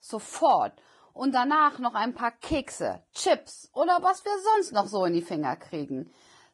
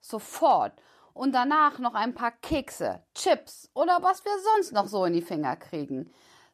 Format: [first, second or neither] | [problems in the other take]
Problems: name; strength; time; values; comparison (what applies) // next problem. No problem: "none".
second | garbled, watery; badly; nothing above 10.5 kHz